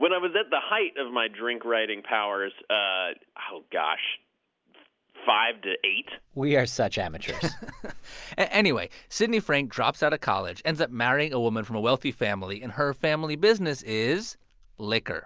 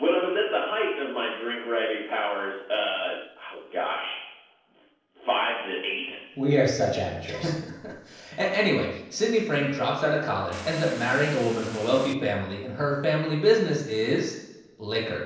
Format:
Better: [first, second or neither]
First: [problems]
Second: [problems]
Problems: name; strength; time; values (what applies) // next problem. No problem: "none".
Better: first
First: none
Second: noise reduction (neural separator model SepFormer DNS4)